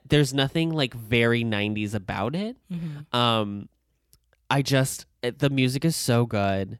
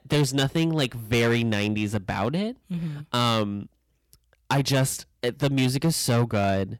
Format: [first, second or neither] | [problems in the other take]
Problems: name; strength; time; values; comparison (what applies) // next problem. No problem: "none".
first | distortion; slight; 7% of the sound clipped